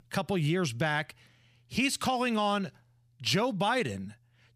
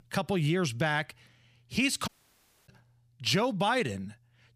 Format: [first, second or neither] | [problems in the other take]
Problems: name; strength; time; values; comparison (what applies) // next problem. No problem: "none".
first | audio cutting out; at 2 s for 0.5 s